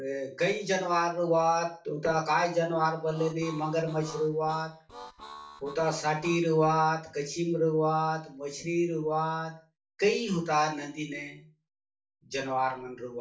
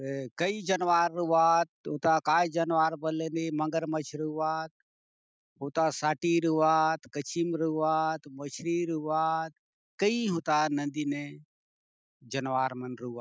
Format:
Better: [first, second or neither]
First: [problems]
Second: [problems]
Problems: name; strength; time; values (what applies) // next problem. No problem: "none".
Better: second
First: background sound (Harmonica); 17 dB below the speech // room echo; dies away in 0.3 s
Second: none